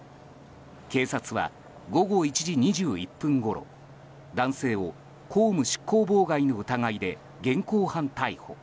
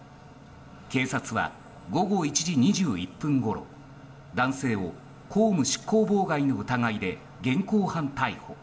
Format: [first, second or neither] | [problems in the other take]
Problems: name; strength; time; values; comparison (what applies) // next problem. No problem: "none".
first | room echo; dies away in 0.9 s